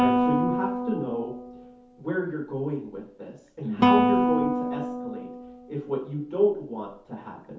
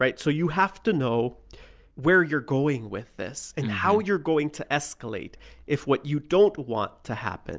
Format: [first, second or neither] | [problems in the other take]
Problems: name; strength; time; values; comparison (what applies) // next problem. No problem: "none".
second | background sound (Guitar); 3 dB above the speech // room echo; dies away in 0.5 s